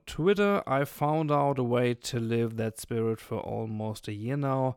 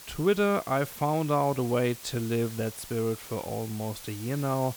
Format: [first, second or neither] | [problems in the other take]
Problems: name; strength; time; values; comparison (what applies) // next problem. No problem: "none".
first | hiss; noticeable; throughout; 15 dB below the speech